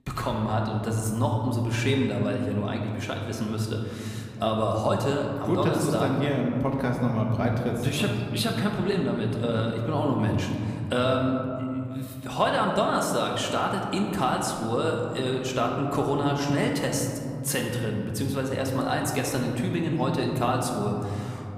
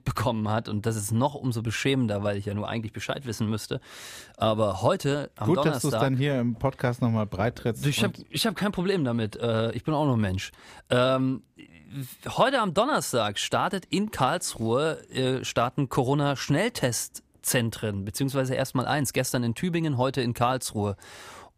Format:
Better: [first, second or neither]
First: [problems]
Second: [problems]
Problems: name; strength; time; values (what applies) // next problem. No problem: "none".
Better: second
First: room echo; noticeable; dies away in 2.8 s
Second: none